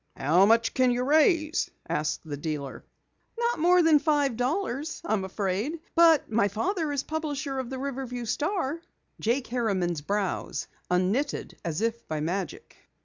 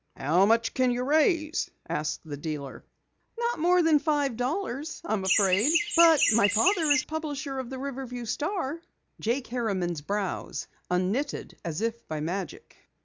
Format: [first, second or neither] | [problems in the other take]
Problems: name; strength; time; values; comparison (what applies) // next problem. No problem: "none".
first | background sound (Chirp, tweet); as loud as the speech